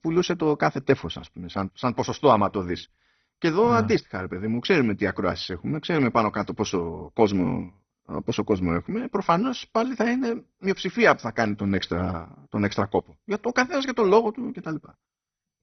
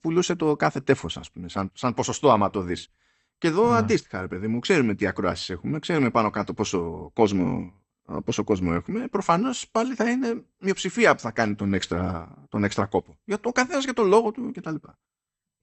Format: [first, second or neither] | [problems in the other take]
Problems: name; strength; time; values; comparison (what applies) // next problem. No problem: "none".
second | garbled, watery; badly; nothing above 6 kHz; slightly in the second